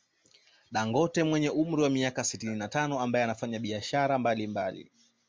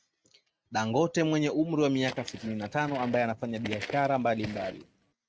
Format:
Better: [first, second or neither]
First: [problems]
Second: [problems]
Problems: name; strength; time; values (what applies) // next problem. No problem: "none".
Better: first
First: none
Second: noise reduction (neural mask model RNNoise)